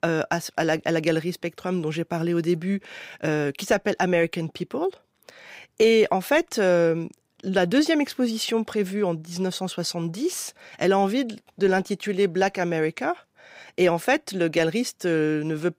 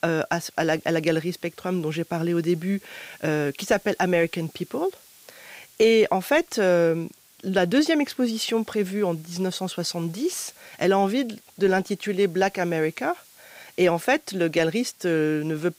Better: first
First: none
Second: hiss; faint; throughout; 25 dB below the speech

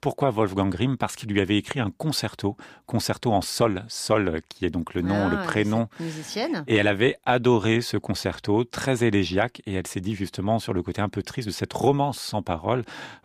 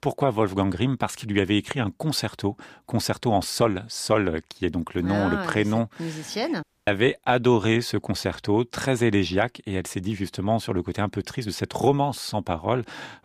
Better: first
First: none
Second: audio cutting out; at 6.5 s

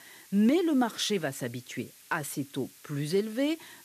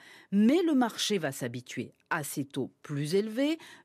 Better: second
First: hiss; faint; throughout; 20 dB below the speech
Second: none

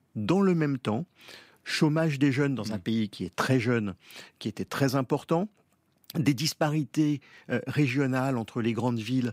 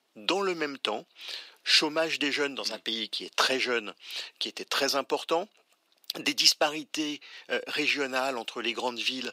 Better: first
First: none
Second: thin; very; fading below 450 Hz

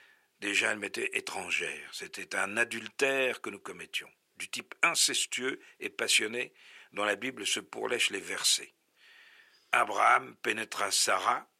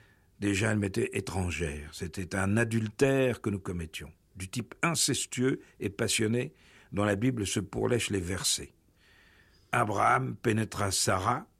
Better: second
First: thin; very; fading below 500 Hz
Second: none

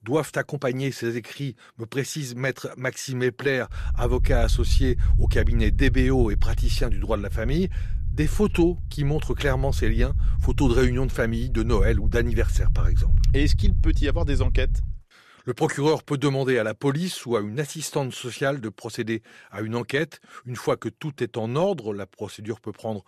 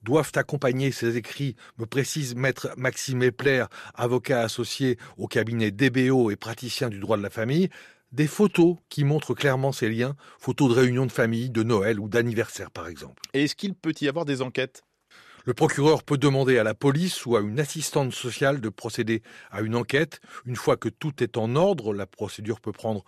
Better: second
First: low rumble; noticeable; from 4 to 15 s; 15 dB below the speech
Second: none

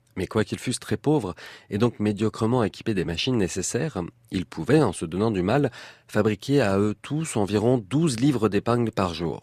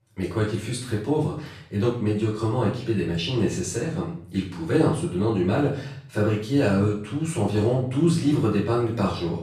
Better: first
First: none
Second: off-mic speech; far // room echo; noticeable; dies away in 0.5 s

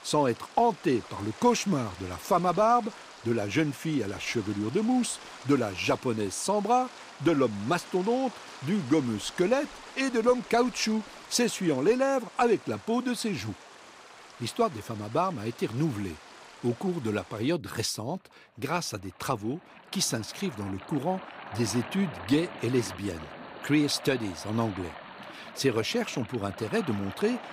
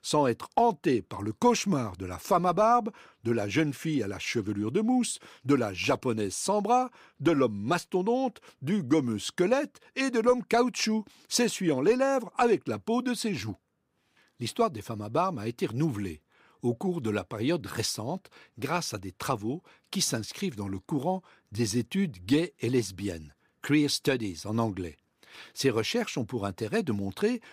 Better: second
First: rain or running water; noticeable; throughout; 15 dB below the speech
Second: none

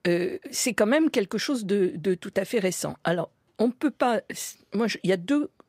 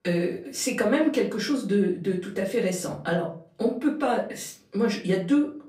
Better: first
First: none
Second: off-mic speech; far // room echo; slight; dies away in 0.3 s

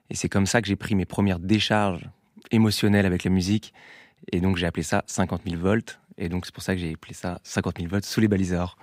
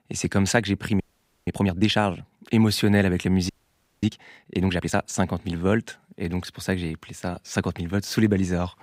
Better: first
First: none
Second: audio freezing; at 1 s and at 3.5 s for 0.5 s

